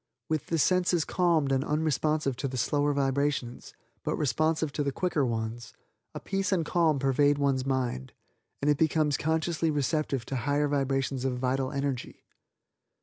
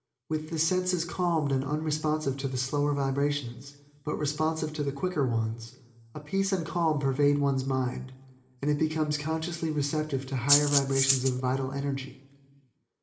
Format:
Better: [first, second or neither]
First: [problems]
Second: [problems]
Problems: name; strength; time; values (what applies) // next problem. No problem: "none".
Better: first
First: none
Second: background sound (Rattle (instrument)); 1 dB above the speech // room echo; dies away in 1.3 s